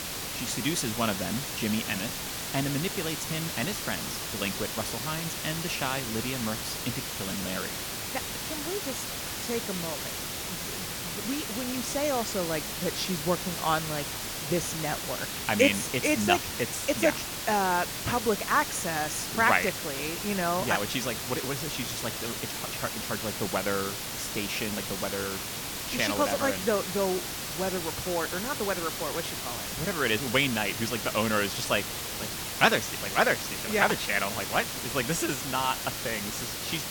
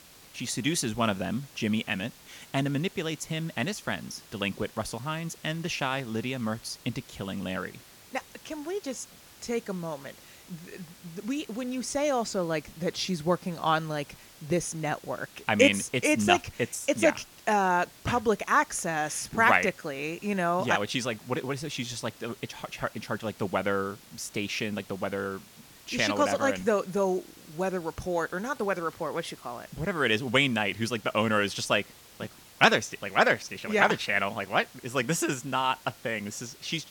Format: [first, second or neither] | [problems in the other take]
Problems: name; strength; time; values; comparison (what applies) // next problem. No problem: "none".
second | hiss; loud; throughout; 3 dB below the speech; faint in the second